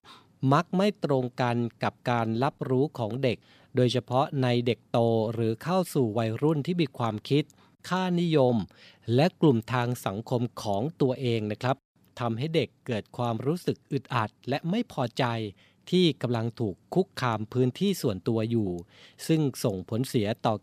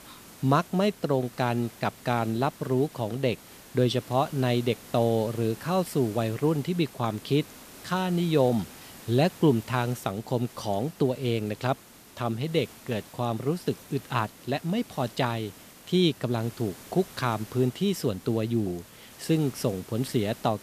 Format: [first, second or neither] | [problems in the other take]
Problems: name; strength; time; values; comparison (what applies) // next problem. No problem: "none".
first | hiss; noticeable; throughout; 20 dB below the speech